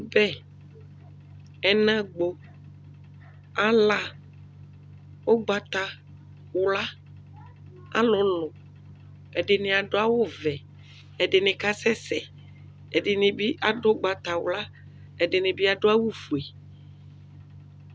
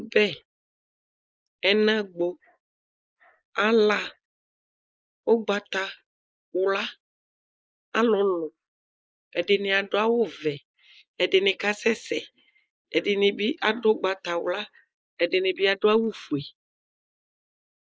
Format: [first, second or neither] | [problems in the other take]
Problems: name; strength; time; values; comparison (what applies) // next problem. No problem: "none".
first | noise reduction (neural mask model Resemble Enhance denoiser)